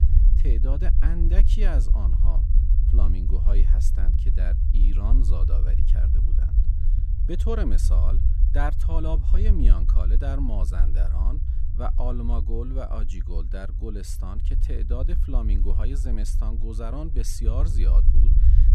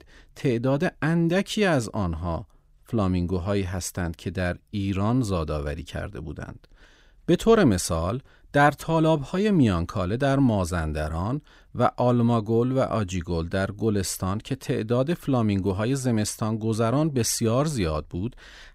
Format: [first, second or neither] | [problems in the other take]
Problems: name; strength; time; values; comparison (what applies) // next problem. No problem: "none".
second | low rumble; loud; throughout; 6 dB below the speech